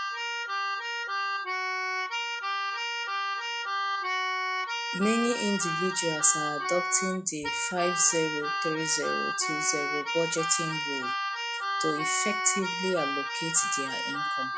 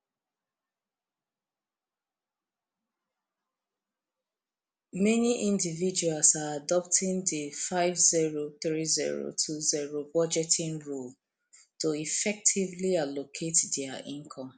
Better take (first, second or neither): second